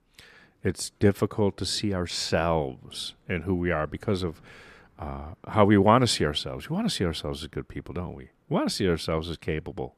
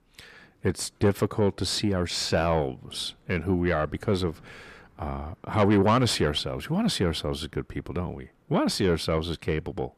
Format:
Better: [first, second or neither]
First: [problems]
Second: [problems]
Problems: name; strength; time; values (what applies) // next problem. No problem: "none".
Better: first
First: none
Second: distortion; slight; 10 dB below the speech